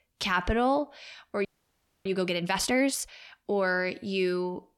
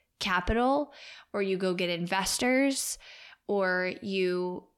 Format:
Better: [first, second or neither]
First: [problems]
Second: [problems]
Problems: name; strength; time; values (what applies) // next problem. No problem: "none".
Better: second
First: audio freezing; at 1.5 s for 0.5 s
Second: none